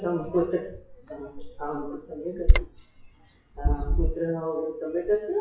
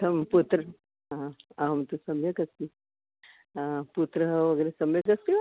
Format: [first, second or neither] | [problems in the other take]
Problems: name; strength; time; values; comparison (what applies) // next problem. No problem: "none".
second | noise reduction (classical method WPE with log-MMSE)